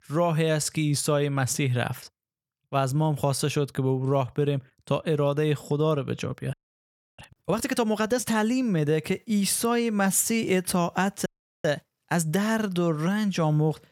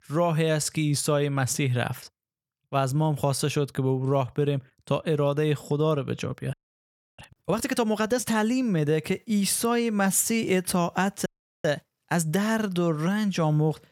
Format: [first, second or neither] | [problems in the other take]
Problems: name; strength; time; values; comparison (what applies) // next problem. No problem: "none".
neither | audio freezing; at 6.5 s for 0.5 s and at 11 s; the same in both